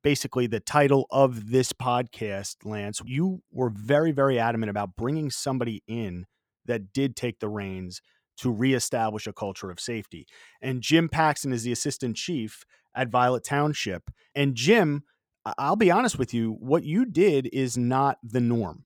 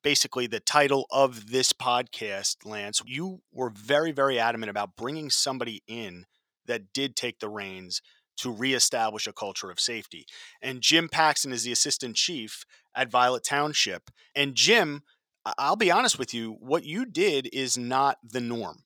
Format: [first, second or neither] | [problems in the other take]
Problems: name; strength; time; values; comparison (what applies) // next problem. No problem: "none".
first | thin; somewhat; fading below 750 Hz